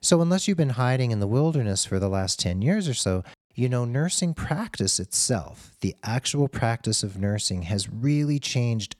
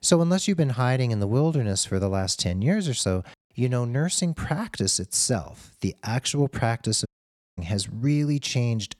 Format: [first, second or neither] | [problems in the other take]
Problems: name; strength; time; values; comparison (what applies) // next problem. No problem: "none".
first | audio cutting out; at 7 s for 0.5 s